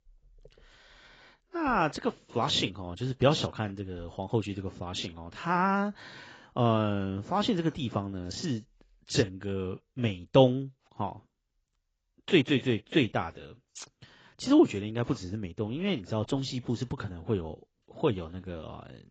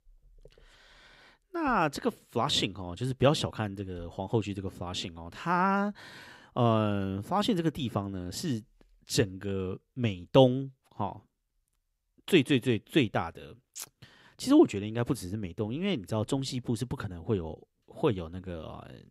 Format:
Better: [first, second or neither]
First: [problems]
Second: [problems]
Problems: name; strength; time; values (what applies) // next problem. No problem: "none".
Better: second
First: garbled, watery; badly; nothing above 7.5 kHz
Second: none